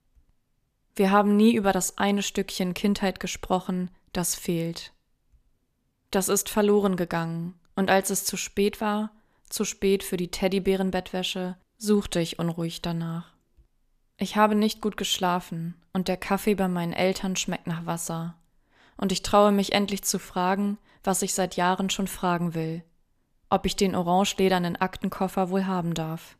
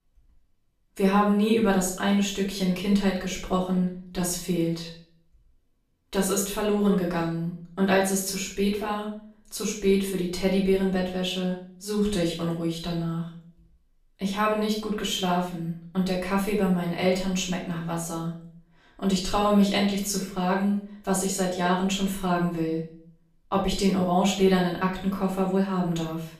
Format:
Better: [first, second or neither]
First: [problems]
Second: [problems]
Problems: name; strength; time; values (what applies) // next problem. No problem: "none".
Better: first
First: none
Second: off-mic speech; far // room echo; noticeable; dies away in 0.4 s